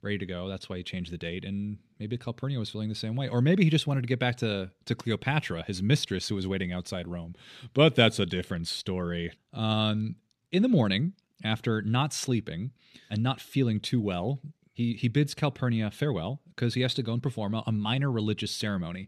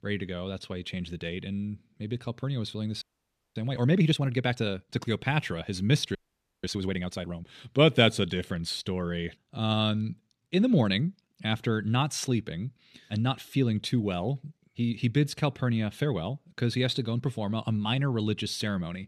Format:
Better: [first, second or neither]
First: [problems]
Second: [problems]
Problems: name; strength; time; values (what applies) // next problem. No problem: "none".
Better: first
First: none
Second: audio freezing; at 3 s for 0.5 s and at 6 s